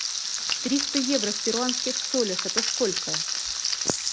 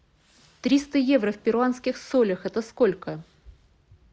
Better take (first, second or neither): second